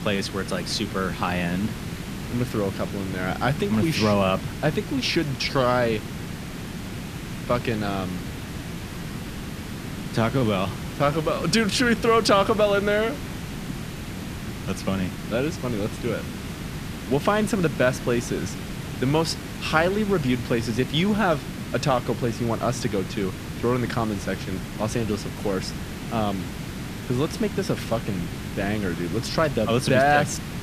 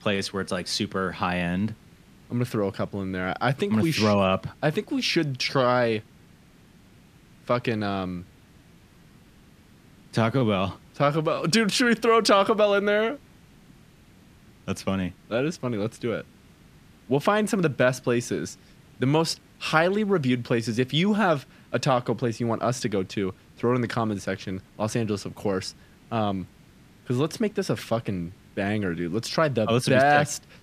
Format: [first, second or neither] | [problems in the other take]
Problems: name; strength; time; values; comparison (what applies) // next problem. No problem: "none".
second | hiss; loud; throughout; 9 dB below the speech; faint in the second